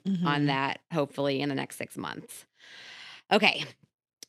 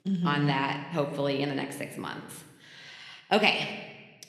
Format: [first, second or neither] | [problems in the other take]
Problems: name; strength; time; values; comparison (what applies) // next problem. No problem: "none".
first | room echo; slight; dies away in 1 s